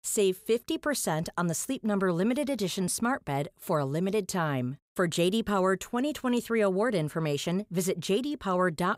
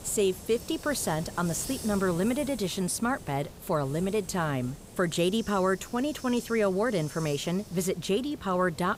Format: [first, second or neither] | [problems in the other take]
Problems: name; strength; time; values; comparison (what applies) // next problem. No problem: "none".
first | hiss; noticeable; throughout; 15 dB below the speech